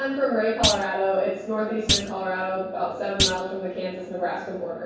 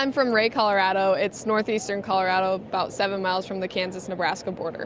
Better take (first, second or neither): second